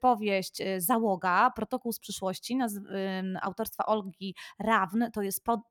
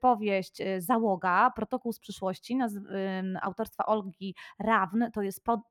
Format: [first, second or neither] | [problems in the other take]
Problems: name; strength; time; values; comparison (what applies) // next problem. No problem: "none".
first | muffled; slightly; fading above 3.5 kHz